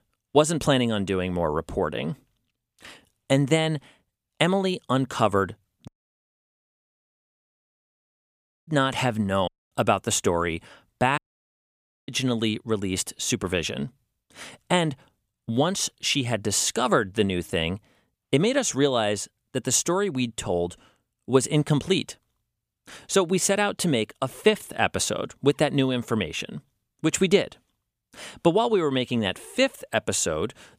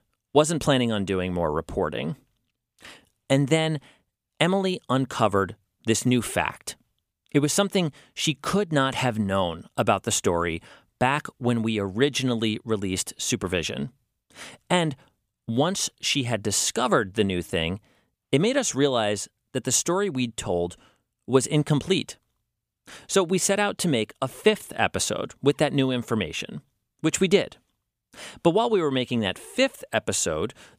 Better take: second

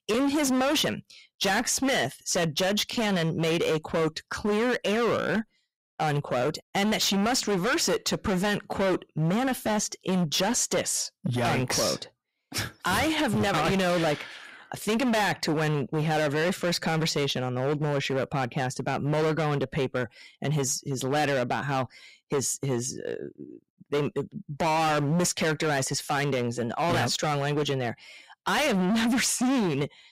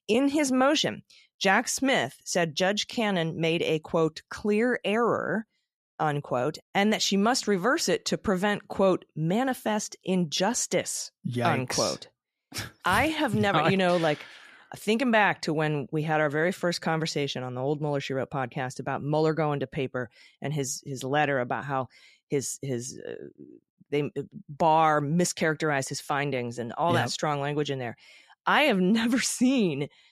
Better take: second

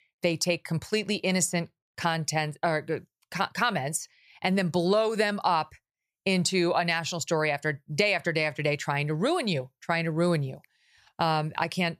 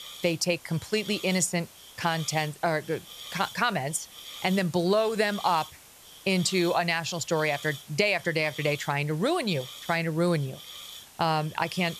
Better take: first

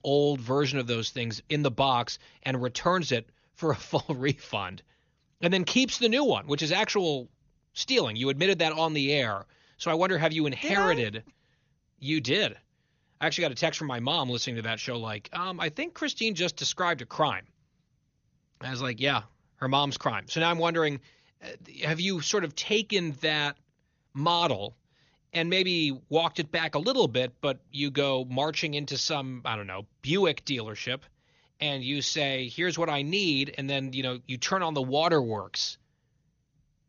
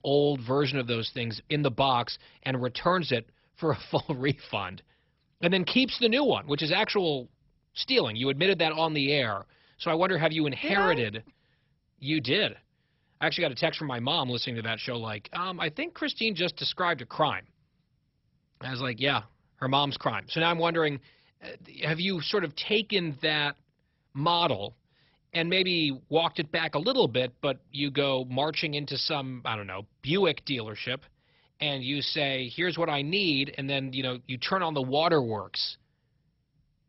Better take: first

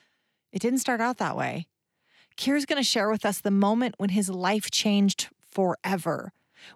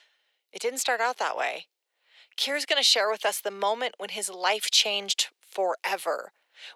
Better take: first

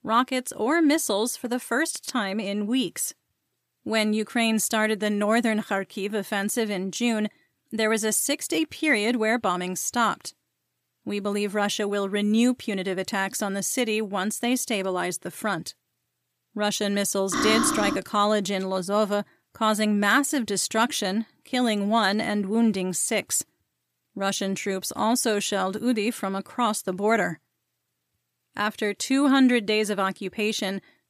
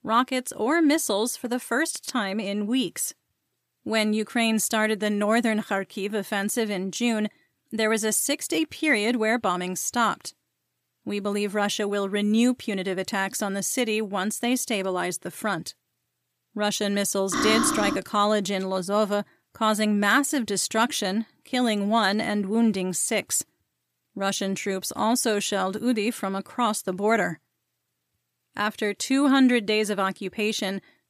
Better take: neither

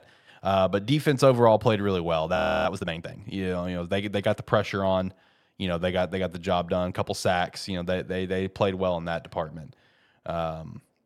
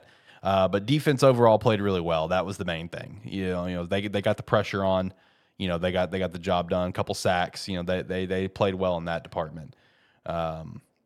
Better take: second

